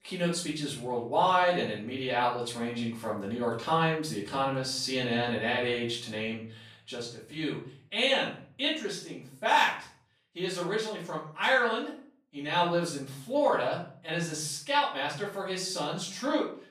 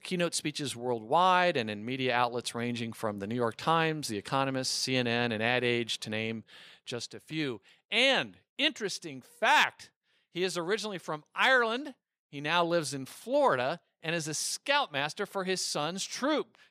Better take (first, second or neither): second